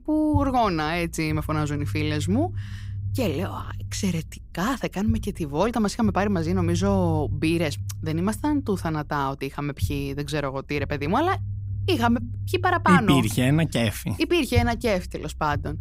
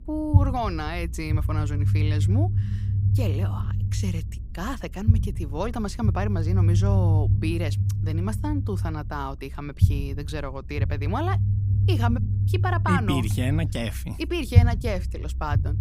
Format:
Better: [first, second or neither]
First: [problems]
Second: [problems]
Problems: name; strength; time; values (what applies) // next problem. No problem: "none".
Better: first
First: low rumble; faint; throughout; 20 dB below the speech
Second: low rumble; loud; throughout; 7 dB below the speech